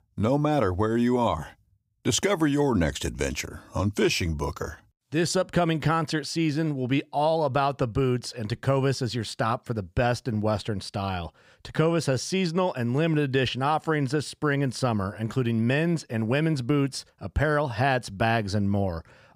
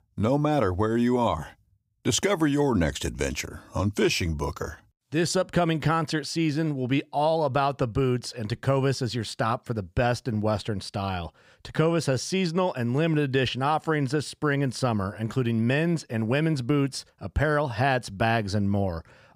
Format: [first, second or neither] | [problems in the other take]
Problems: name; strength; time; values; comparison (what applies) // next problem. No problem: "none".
neither | none